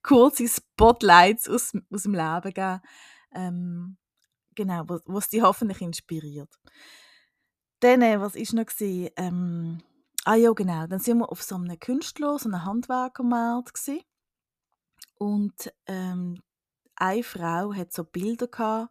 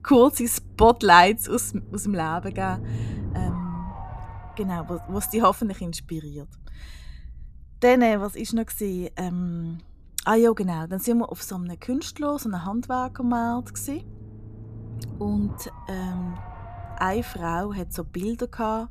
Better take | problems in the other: first | low rumble; faint; throughout; 20 dB below the speech

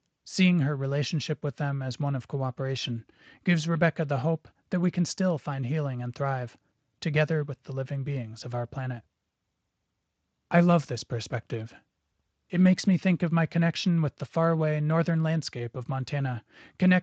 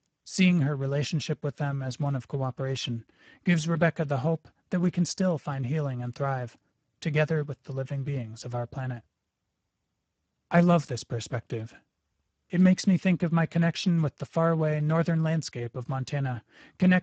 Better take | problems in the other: first | garbled, watery; badly; nothing above 8 kHz; slightly in the first

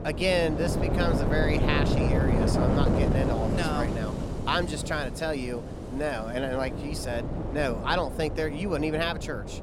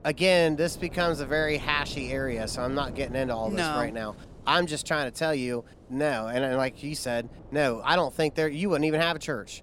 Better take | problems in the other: second | wind noise on the microphone; heavy; 4 dB below the speech; occasional gusts in the second

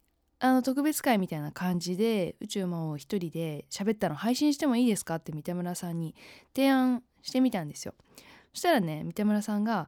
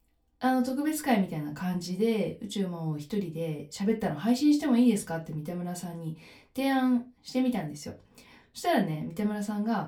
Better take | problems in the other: first | off-mic speech; far // room echo; very slight; dies away in 0.2 s

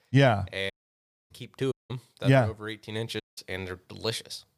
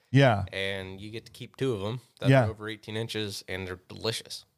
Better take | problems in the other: second | audio cutting out; at 0.5 s for 0.5 s, at 1.5 s and at 3 s

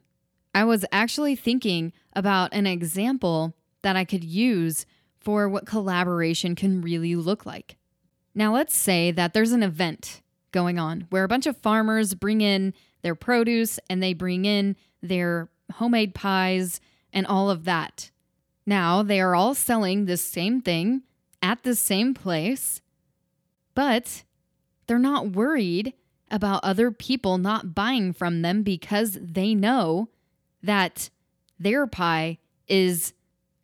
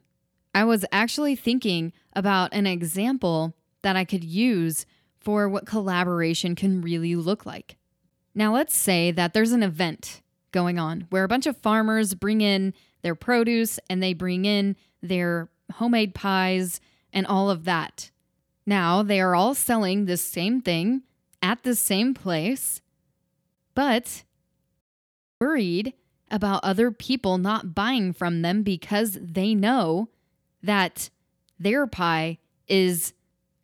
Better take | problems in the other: first | audio cutting out; at 25 s for 0.5 s

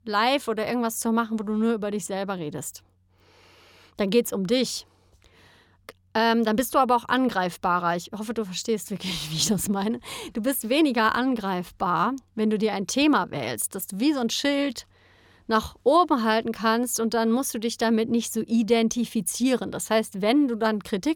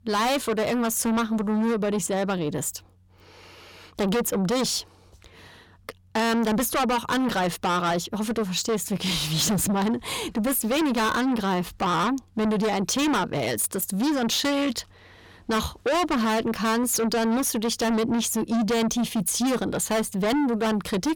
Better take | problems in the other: first | distortion; heavy; 6 dB below the speech

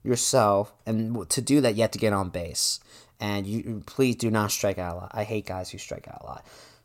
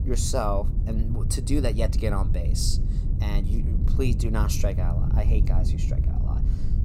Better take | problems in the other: first | wind noise on the microphone; heavy; 9 dB below the speech

